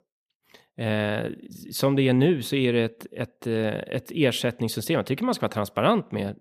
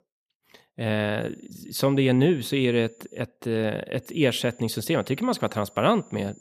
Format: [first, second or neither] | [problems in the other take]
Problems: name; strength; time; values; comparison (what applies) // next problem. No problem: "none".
first | high-pitched whine; faint; from 1 to 3 s and from 4 s on; 7 kHz, 30 dB below the speech